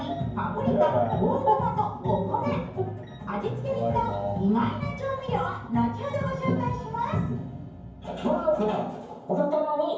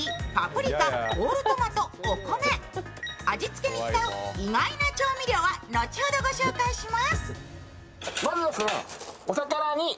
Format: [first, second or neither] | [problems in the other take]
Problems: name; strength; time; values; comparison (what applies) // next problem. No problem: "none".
second | room echo; dies away in 0.9 s